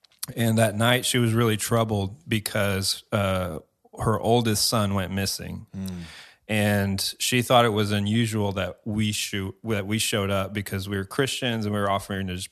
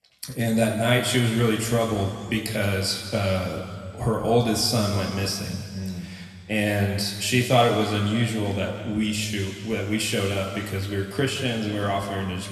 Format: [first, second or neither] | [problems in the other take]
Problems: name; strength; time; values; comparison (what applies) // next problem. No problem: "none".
first | room echo; noticeable; dies away in 2.2 s // off-mic speech; somewhat distant